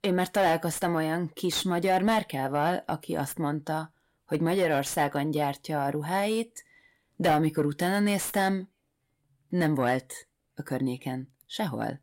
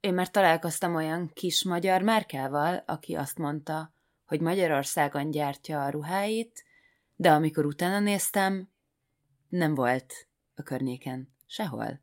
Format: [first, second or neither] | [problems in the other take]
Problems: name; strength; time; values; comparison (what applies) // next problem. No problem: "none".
second | distortion; slight; 10 dB below the speech